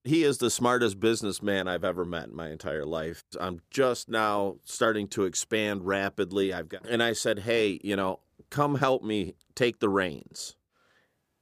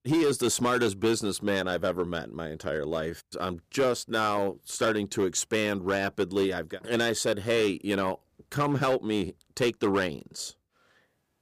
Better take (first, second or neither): first